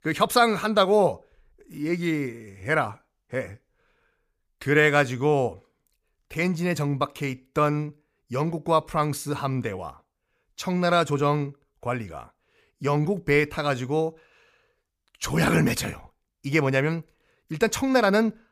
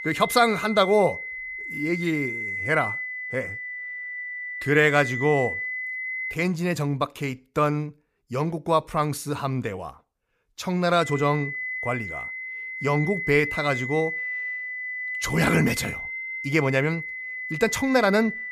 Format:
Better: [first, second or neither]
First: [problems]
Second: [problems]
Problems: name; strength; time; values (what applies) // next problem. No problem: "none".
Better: first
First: none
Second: high-pitched whine; loud; until 6.5 s and from 11 s on; 2 kHz, 6 dB below the speech